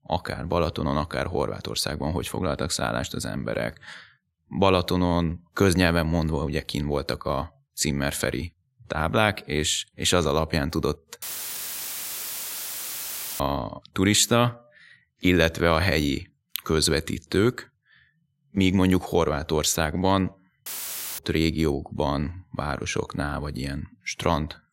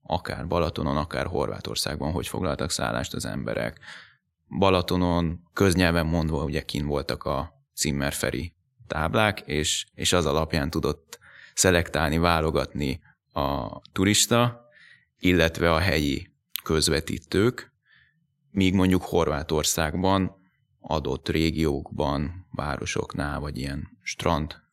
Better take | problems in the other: second | audio cutting out; filled with static; at 11 s for 2 s and at 21 s for 0.5 s

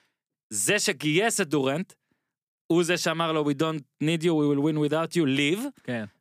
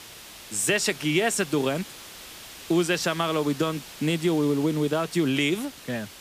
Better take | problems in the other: first | hiss; noticeable; throughout; 15 dB below the speech

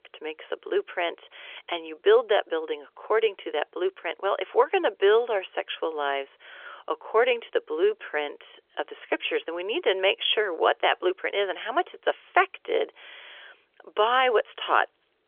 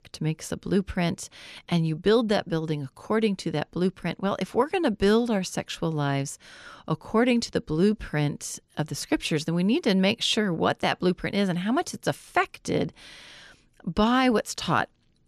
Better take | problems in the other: second | phone-call audio; nothing above 3.5 kHz

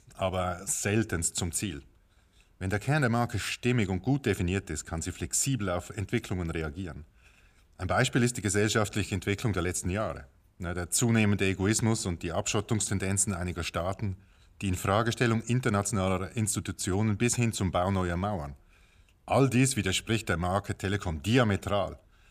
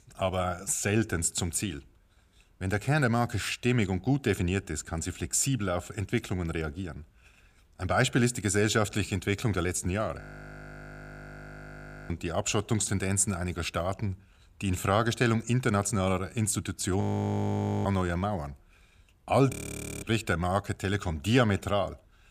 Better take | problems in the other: first | audio freezing; at 10 s for 2 s, at 17 s for 1 s and at 20 s for 0.5 s

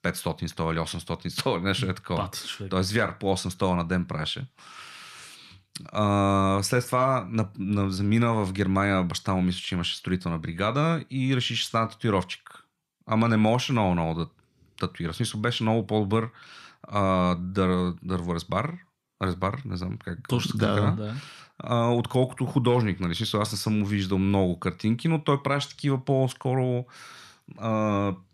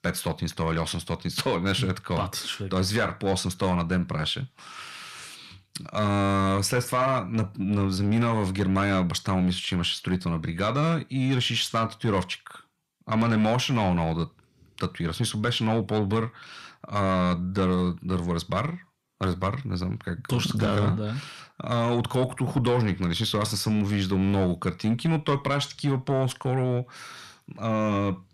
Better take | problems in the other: first | distortion; slight; 10 dB below the speech

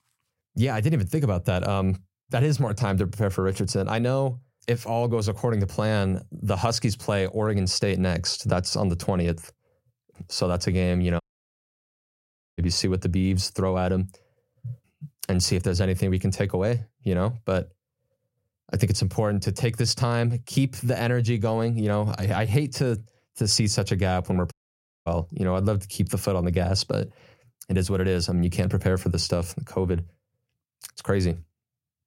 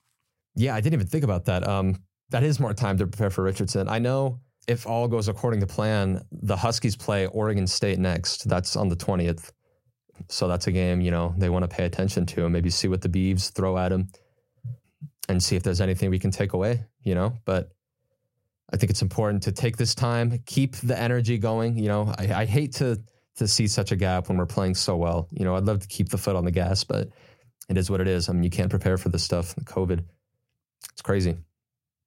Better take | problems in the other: second | audio cutting out; at 11 s for 1.5 s and at 25 s for 0.5 s

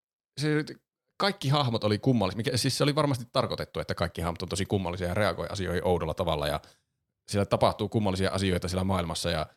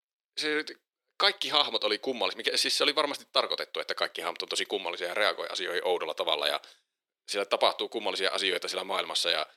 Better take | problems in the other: first | thin; very; fading below 350 Hz

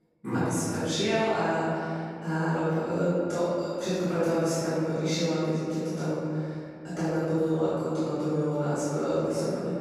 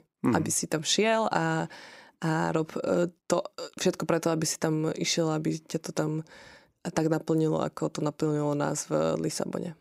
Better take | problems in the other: second | room echo; strong; dies away in 2.5 s // off-mic speech; far

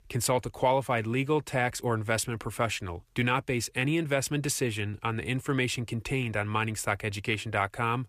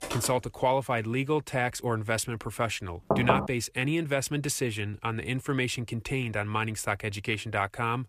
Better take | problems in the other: first | footsteps; noticeable; at the start; peak 7 dB below the speech // door banging; loud; at 3 s; peak 3 dB above the speech

